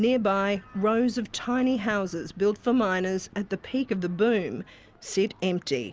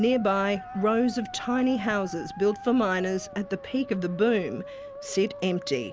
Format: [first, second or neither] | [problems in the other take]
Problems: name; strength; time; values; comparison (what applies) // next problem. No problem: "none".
first | background sound (Musical instrument); 15 dB below the speech